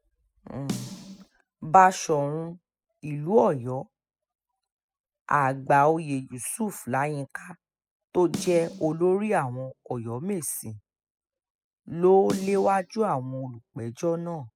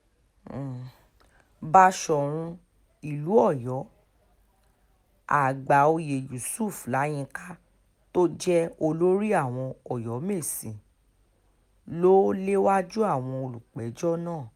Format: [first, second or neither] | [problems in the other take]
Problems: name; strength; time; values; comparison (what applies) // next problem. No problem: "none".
second | noise reduction (classical method spectral subtraction)